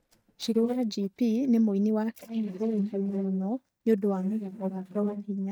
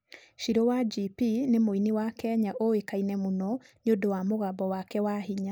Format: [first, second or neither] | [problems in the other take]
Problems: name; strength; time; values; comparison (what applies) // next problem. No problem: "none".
second | noise reduction (neural mask model DeepFilterNet 3)